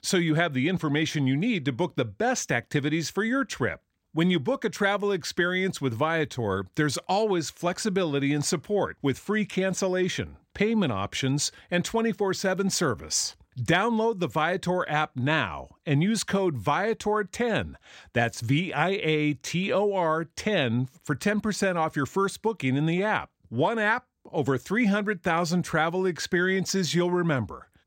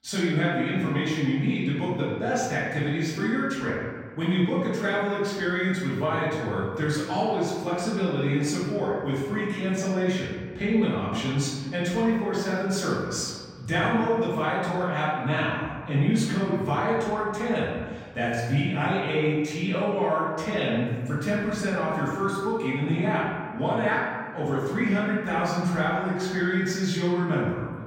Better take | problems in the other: first | room echo; noticeable; dies away in 1.5 s // off-mic speech; far

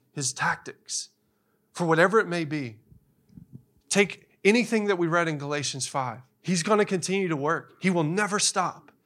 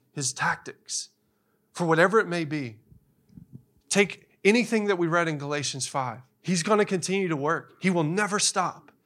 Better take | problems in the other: neither | none

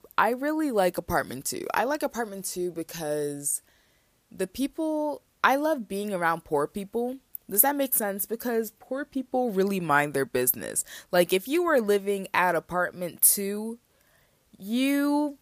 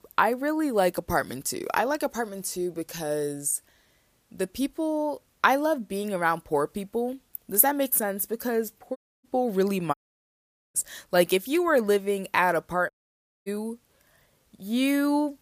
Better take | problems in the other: first | audio cutting out; at 9 s, at 10 s for 1 s and at 13 s for 0.5 s

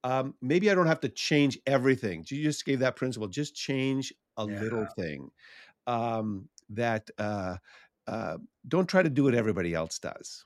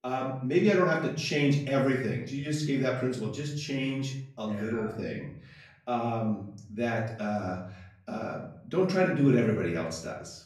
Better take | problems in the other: first | off-mic speech; far // room echo; slight; dies away in 0.6 s

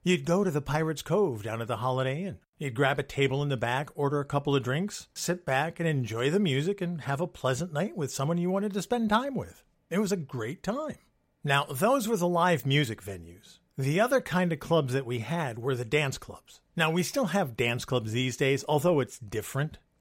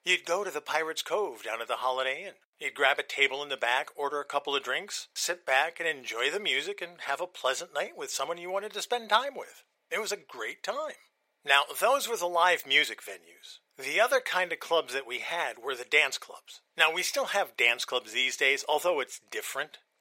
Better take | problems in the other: first | thin; very; fading below 500 Hz

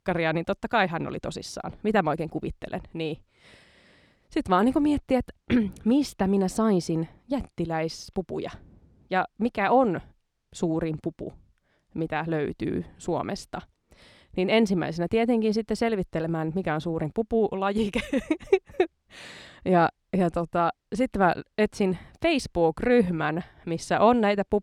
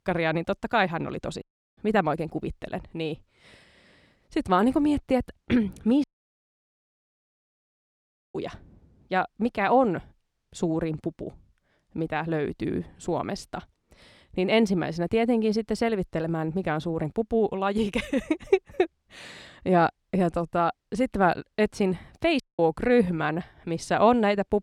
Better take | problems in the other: first | audio cutting out; at 1.5 s, at 6 s for 2.5 s and at 22 s

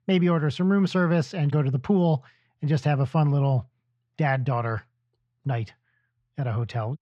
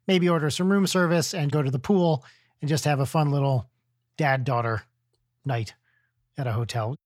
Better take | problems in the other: second | muffled; slightly; fading above 3.5 kHz

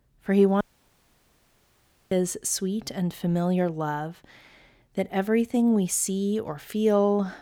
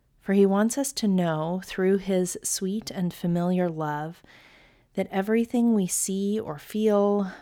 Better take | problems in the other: second | audio cutting out; at 0.5 s for 1.5 s

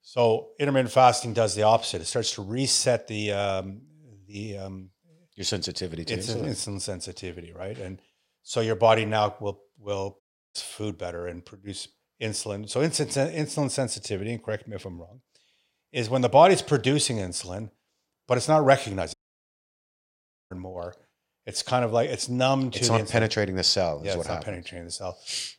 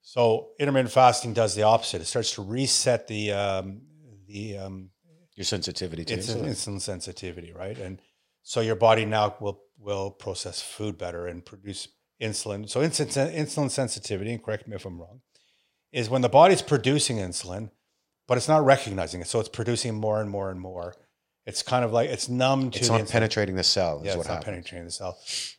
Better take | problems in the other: second | audio cutting out; at 10 s and at 19 s for 1.5 s

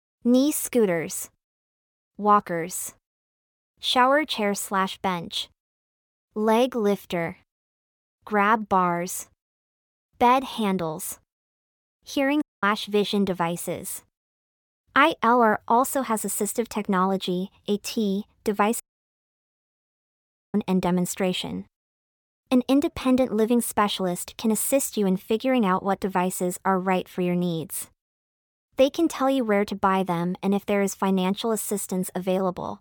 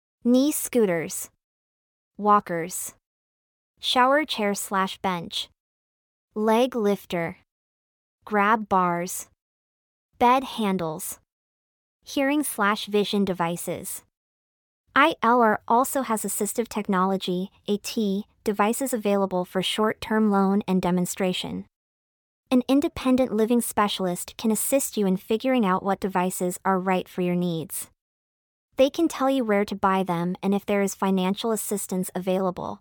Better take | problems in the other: second | audio cutting out; at 12 s and at 19 s for 1.5 s

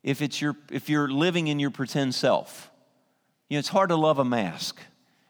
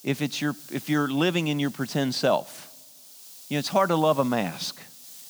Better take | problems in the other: first | hiss; noticeable; throughout; 20 dB below the speech

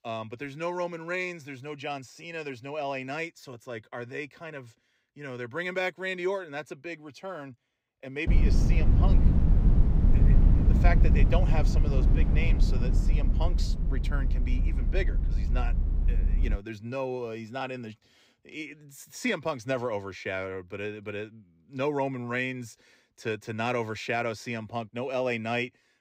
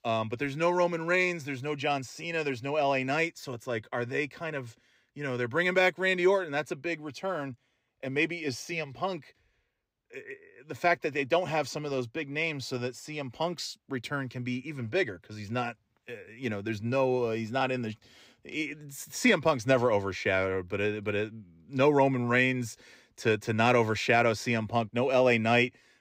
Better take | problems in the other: second | low rumble; loud; from 8.5 to 17 s; 6 dB below the speech

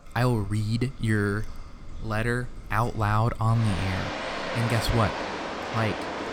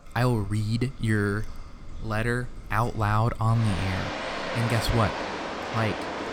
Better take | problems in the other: neither | rain or running water; loud; throughout; 7 dB below the speech; the same in both

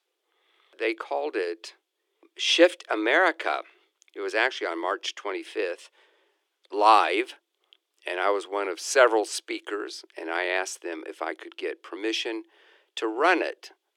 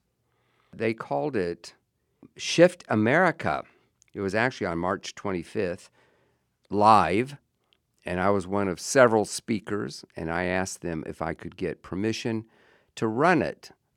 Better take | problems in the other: second | thin; very; fading below 300 Hz

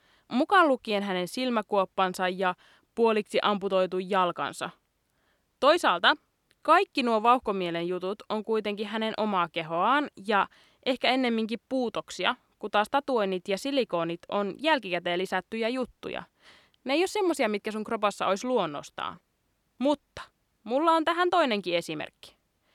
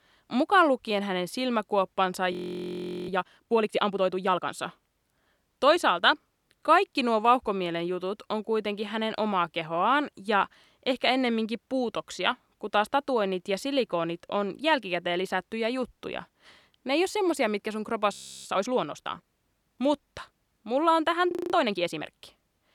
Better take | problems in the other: first | audio freezing; at 2.5 s for 1 s, at 18 s and at 21 s

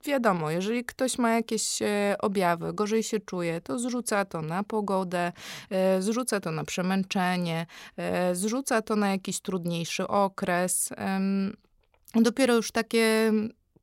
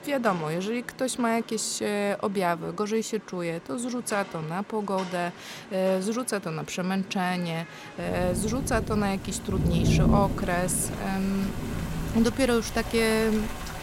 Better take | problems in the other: first | rain or running water; loud; throughout; 4 dB below the speech

